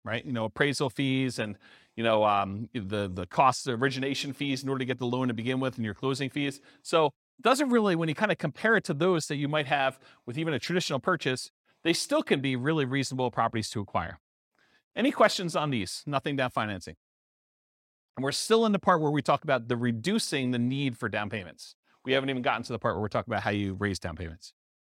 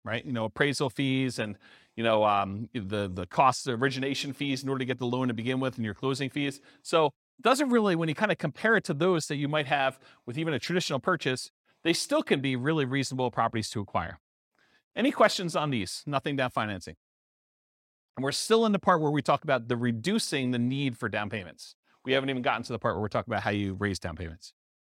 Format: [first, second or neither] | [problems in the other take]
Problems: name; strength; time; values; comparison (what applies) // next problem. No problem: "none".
neither | none